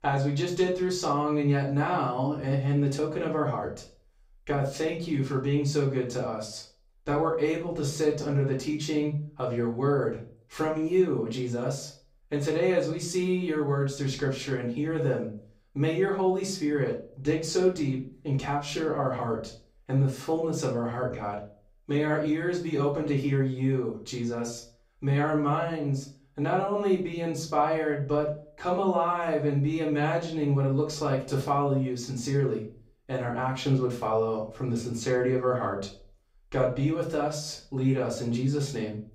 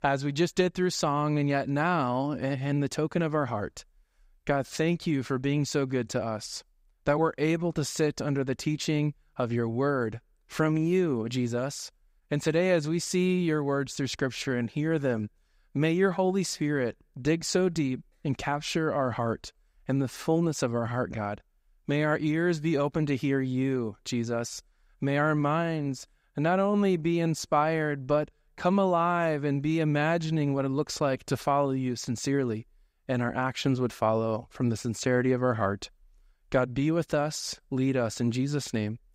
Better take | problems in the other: second | room echo; slight; dies away in 0.3 s // off-mic speech; far

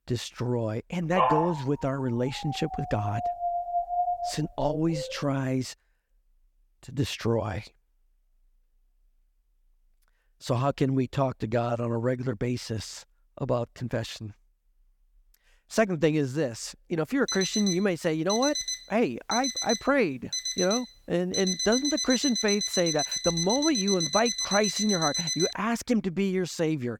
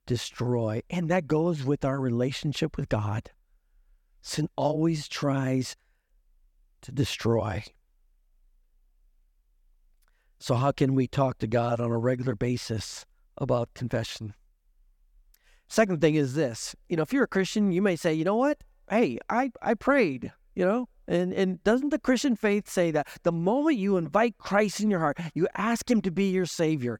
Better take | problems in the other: second | dog barking; loud; from 1 to 5 s; peak 3 dB above the speech // alarm; loud; from 17 to 26 s; peak 1 dB above the speech

